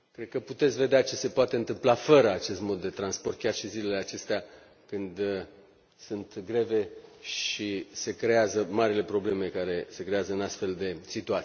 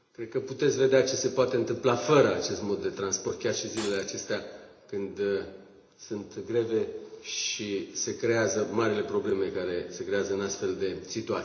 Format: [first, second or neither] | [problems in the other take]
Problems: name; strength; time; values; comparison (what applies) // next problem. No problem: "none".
first | background sound (Shatter); 16 dB below the speech // room echo; dies away in 0.8 s